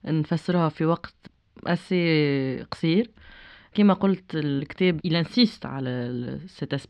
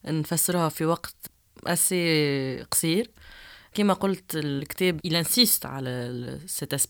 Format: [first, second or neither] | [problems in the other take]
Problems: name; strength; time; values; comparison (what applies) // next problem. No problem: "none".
second | muffled; very slightly; fading above 4 kHz